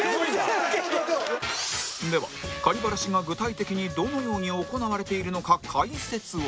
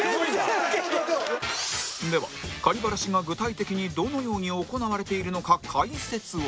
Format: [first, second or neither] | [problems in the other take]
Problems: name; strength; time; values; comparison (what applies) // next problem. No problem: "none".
second | background sound (Wind instrument, woodwind instrument); 14 dB below the speech